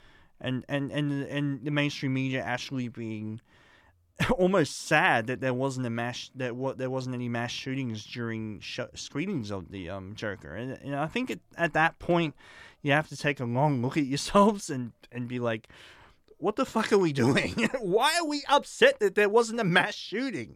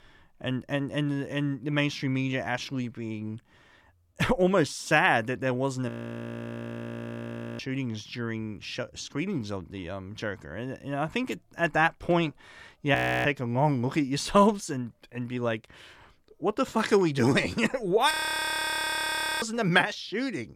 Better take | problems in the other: first | audio freezing; at 6 s for 1.5 s, at 13 s and at 18 s for 1.5 s

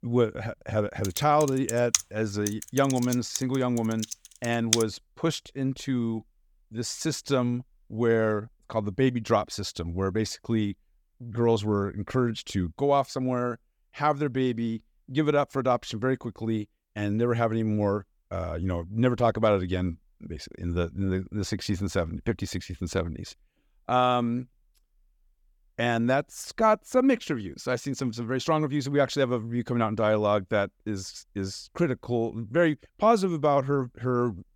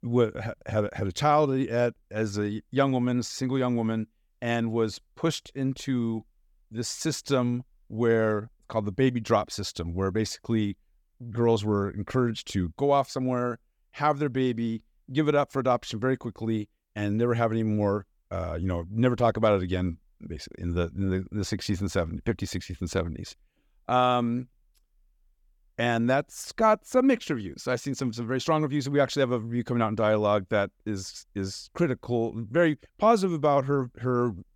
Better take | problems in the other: second | keyboard typing; loud; from 1 to 5 s; peak 2 dB above the speech

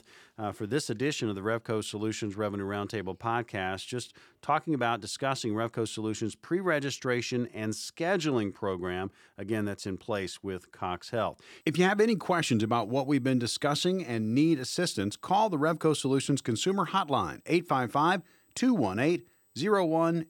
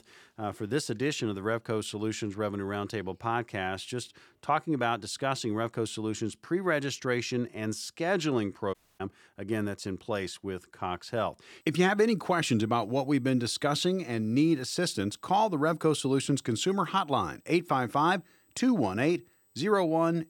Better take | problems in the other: first | audio cutting out; at 8.5 s

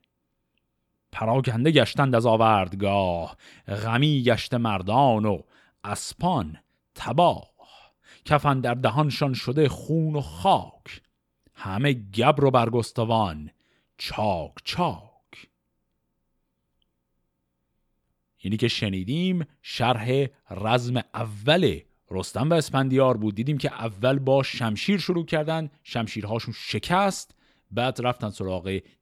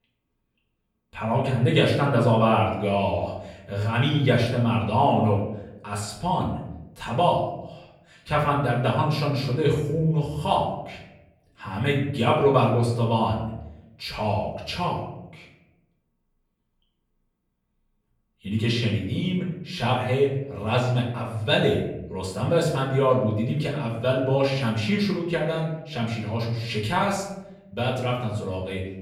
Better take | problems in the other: first | room echo; noticeable; dies away in 0.8 s // off-mic speech; far

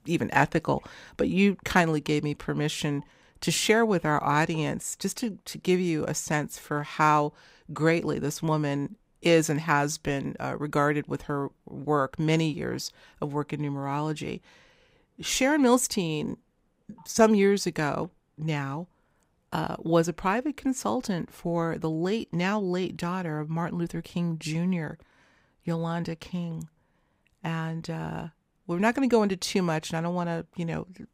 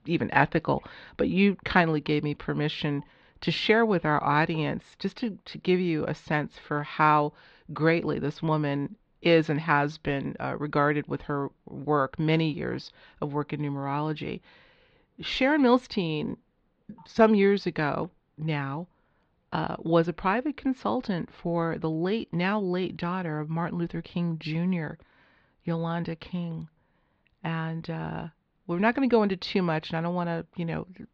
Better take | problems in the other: first | muffled; slightly; fading above 4 kHz

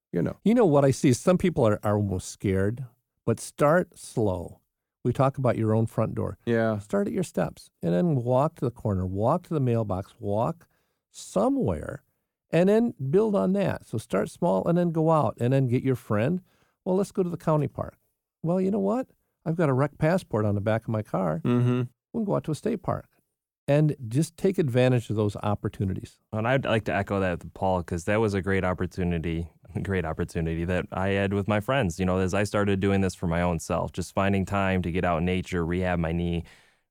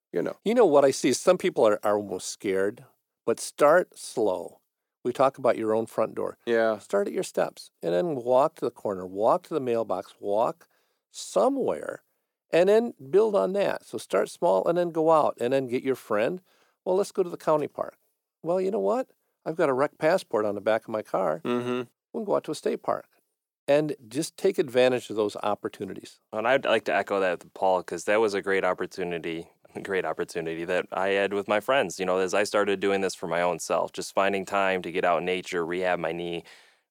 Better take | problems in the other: first | thin; somewhat; fading below 400 Hz

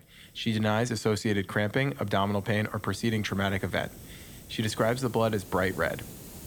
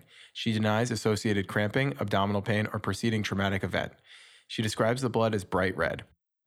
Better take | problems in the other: second | hiss; noticeable; throughout; 20 dB below the speech

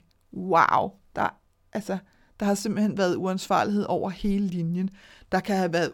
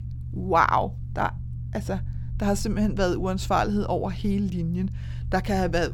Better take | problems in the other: first | low rumble; faint; throughout; 20 dB below the speech

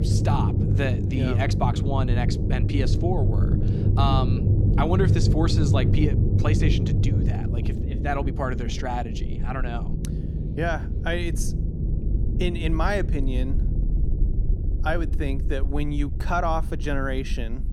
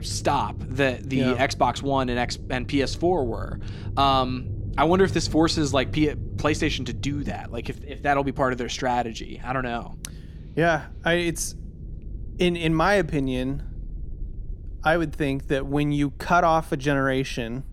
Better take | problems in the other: second | low rumble; loud; throughout; 6 dB below the speech; faint in the second

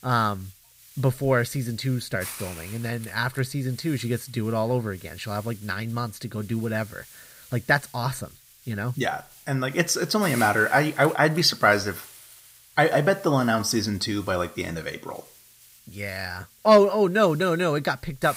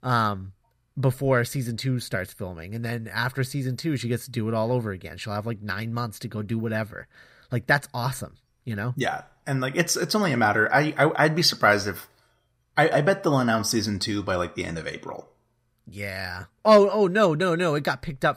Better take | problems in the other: second | hiss; noticeable; throughout; 20 dB below the speech

